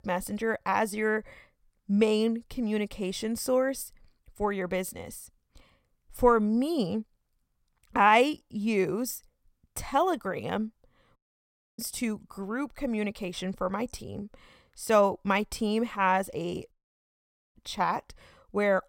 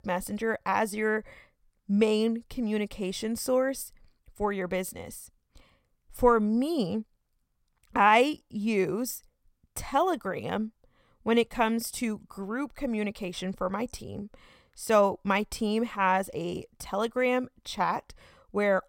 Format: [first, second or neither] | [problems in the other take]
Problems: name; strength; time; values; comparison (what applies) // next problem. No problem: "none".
second | audio cutting out; at 11 s for 0.5 s and at 17 s for 1 s